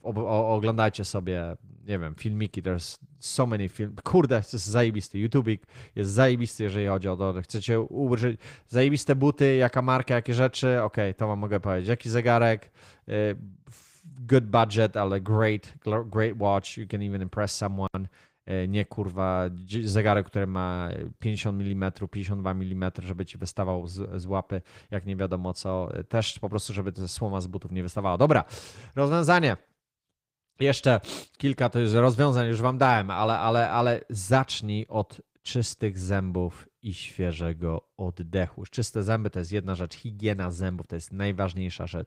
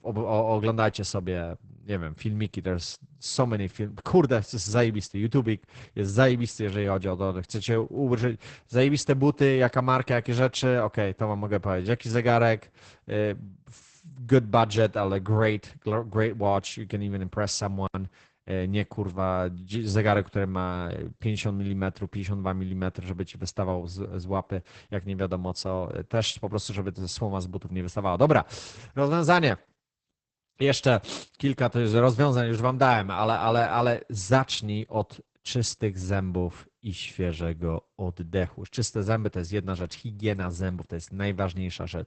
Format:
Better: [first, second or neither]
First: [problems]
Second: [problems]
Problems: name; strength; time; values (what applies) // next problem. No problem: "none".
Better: first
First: garbled, watery; slightly; nothing above 15.5 kHz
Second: garbled, watery; badly; nothing above 8 kHz